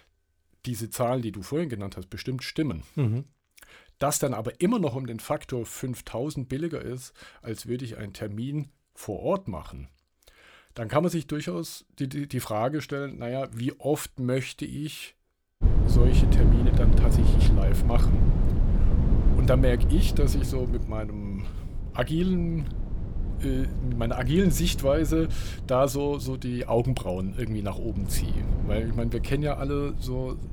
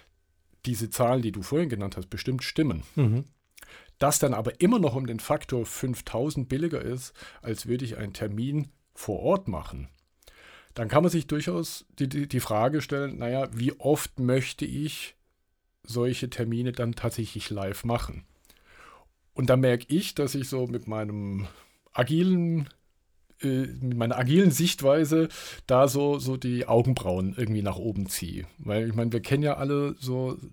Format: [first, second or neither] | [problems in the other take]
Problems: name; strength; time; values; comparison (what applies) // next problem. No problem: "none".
second | wind noise on the microphone; heavy; from 16 s on; 7 dB below the speech